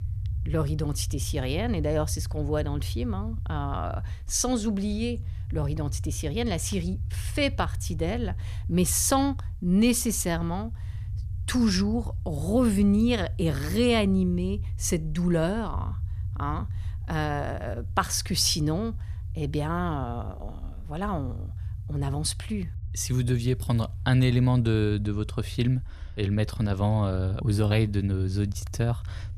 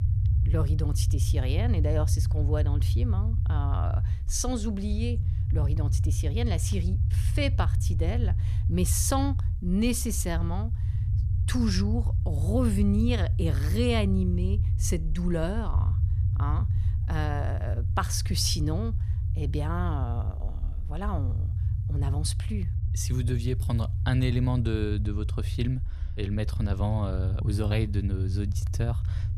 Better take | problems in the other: first | low rumble; loud; throughout; 10 dB below the speech; faint in the first

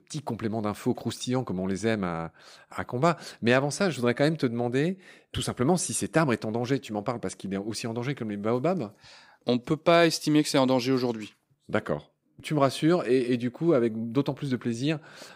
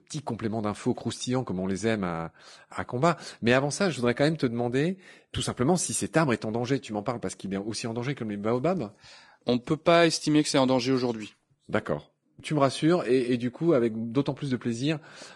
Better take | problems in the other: first | garbled, watery; slightly; nothing above 10.5 kHz

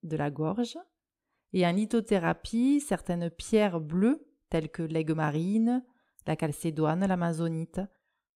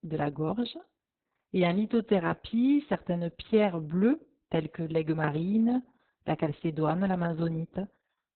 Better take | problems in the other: first | garbled, watery; badly; nothing above 4 kHz

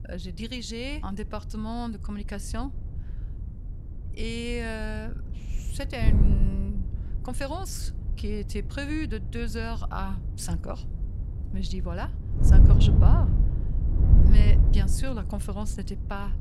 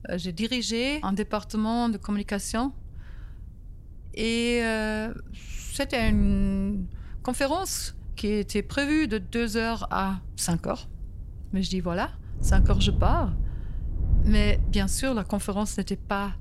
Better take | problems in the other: second | wind noise on the microphone; heavy; 5 dB below the speech; occasional gusts in the second

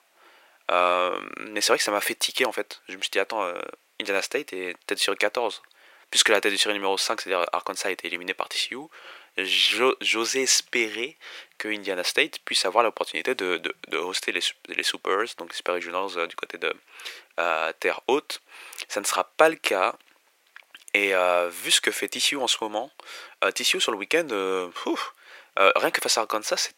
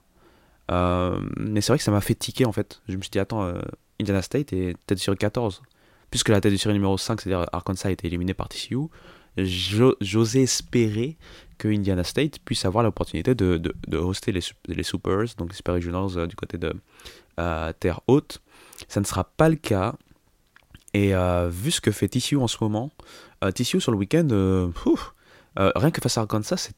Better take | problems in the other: second | thin; very; fading below 500 Hz

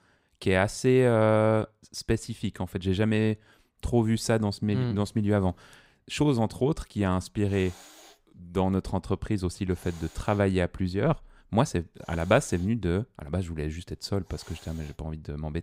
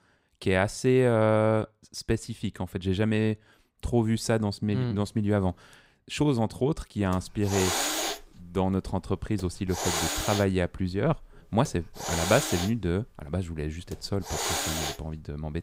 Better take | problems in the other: first | hiss; loud; from 7 s on; 2 dB below the speech; faint in the first

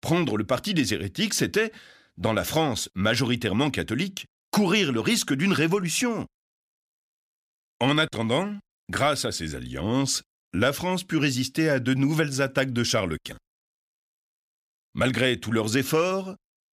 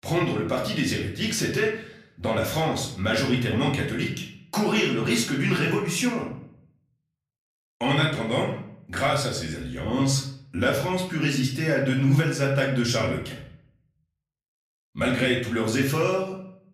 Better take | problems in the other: first | room echo; slight; dies away in 0.6 s // off-mic speech; far

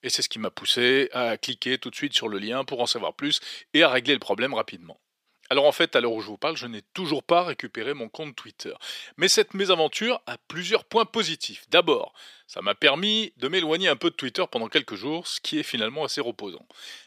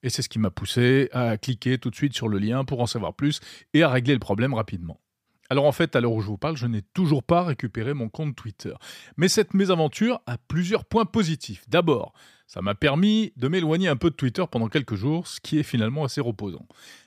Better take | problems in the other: second | thin; somewhat; fading below 400 Hz

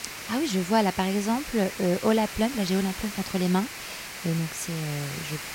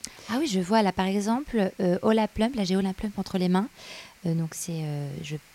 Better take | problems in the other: second | hiss; loud; throughout; 8 dB below the speech; faint in the second

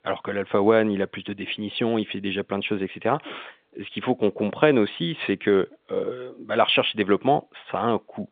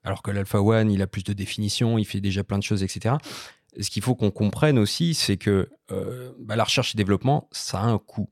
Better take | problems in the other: second | phone-call audio; nothing above 3 kHz

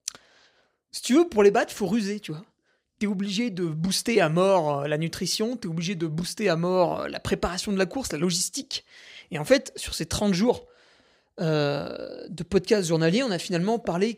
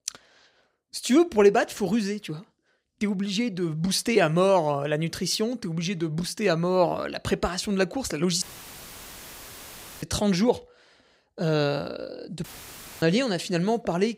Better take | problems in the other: first | audio cutting out; filled with static; at 8.5 s for 1.5 s and at 12 s for 0.5 s

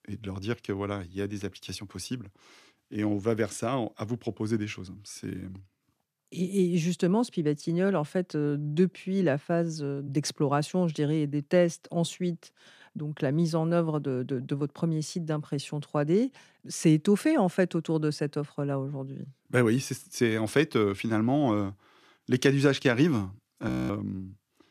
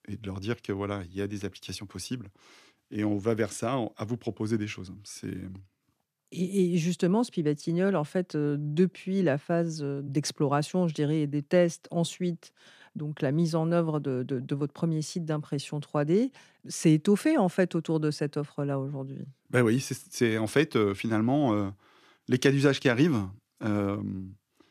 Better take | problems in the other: second | audio freezing; at 24 s

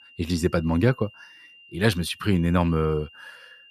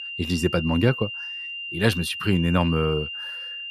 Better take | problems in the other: first | high-pitched whine; loud; throughout; 3 kHz, 7 dB below the speech; faint in the first

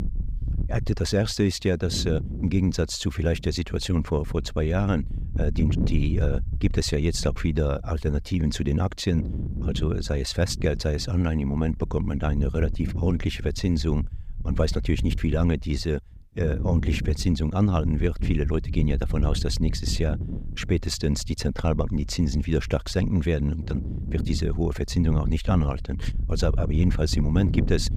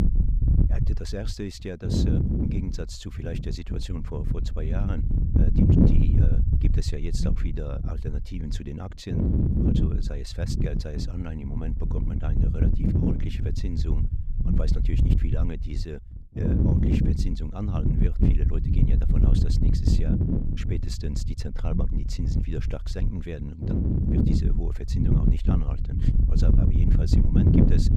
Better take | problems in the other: first | wind noise on the microphone; heavy; 4 dB above the speech; occasional gusts in the first

